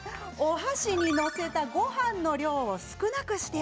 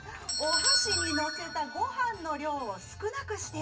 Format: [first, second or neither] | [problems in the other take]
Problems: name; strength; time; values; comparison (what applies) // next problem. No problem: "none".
first | background sound (Doorbell); 1 dB above the speech // room echo; dies away in 0.2 s